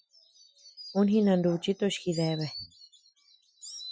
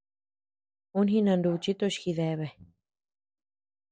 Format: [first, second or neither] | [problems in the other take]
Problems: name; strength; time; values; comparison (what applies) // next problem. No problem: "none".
second | noise reduction (classical method Wiener filter)